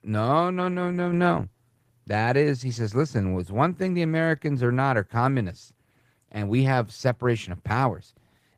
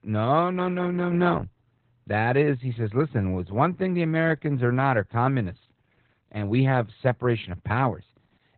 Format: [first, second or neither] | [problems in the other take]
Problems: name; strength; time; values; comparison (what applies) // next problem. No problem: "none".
first | garbled, watery; badly; nothing above 4 kHz; slightly in the first